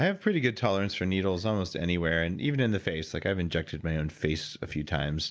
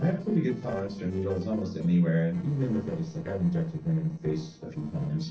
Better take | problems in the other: first | noise reduction (neural separator model SepFormer DNS4)

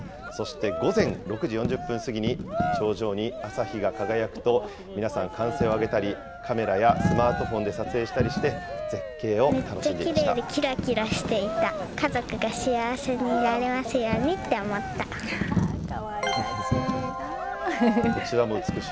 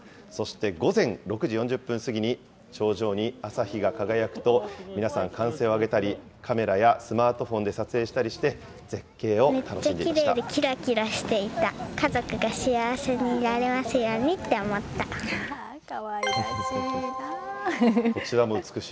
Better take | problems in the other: second | background sound (Coin (dropping) + Cheering); 5 dB below the speech

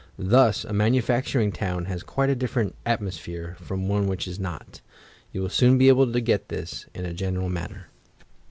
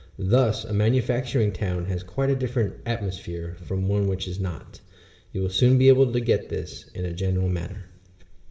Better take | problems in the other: first | room echo; dies away in 0.9 s

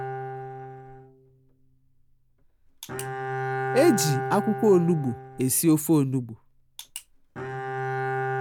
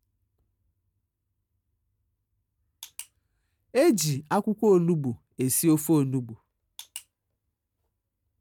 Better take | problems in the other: second | background sound (Bowed string instrument); 6 dB below the speech

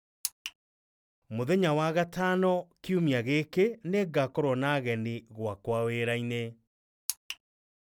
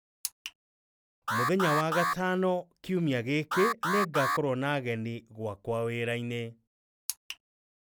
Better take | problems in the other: first | background sound (Alarm); 1 dB below the speech

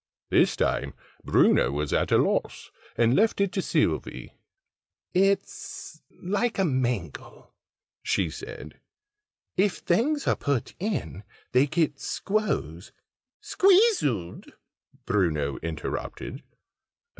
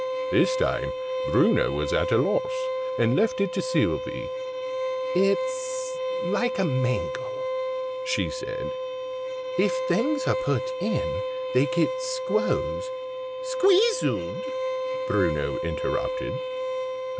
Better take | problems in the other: first | background sound (Bowed string instrument); 2 dB below the speech

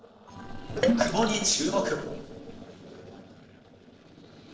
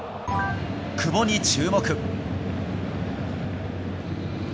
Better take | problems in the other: second | noise reduction (neural separator model SepFormer DNS4)

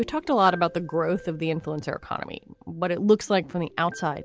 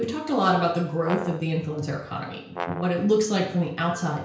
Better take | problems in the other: first | background sound (Brass instrument); 11 dB below the speech // room echo; dies away in 0.5 s

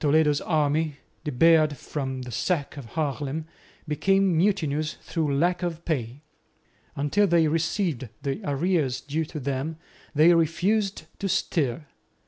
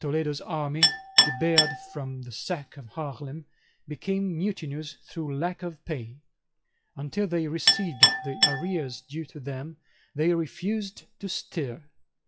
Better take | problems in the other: first | noise reduction (classical method WPE with log-MMSE)

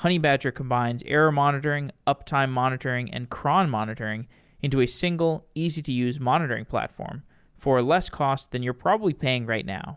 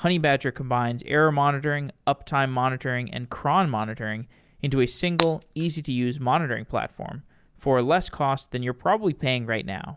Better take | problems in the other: first | background sound (Shatter); 11 dB below the speech

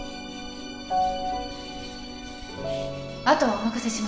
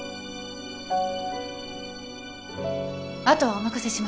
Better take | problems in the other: second | background sound (Bird); 15 dB below the speech // room echo; dies away in 1.7 s

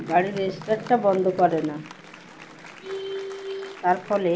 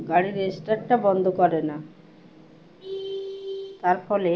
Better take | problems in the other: second | background sound (Applause); 20 dB below the speech

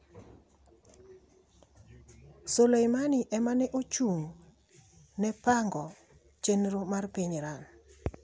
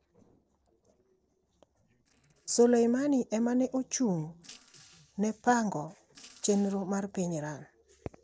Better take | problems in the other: first | noise reduction (neural separator model SepFormer DNS4)

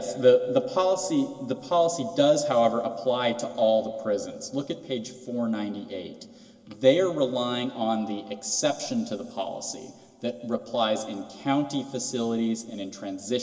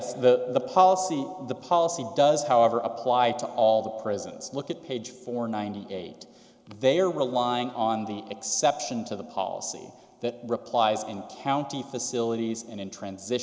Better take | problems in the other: second | room echo; dies away in 2.1 s

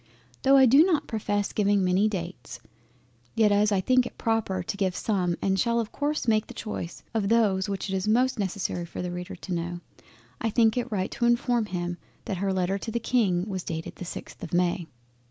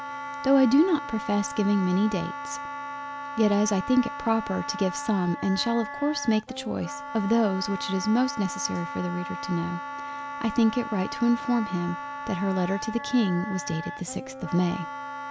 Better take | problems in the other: first | background sound (Wind instrument, woodwind instrument); 9 dB below the speech

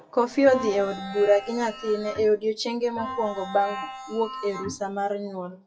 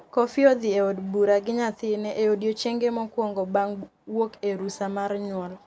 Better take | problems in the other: second | noise reduction (classical method WPE with log-MMSE)

